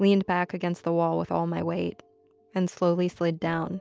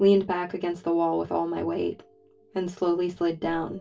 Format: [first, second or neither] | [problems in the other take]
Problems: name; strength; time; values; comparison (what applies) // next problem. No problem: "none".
first | room echo; dies away in 0.1 s